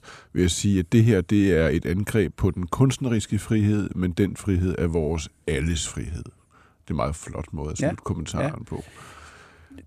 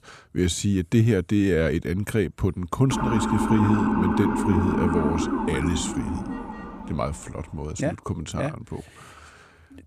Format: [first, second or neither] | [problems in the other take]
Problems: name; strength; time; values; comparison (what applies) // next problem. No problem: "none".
first | siren; loud; from 3 to 7 s; peak 2 dB above the speech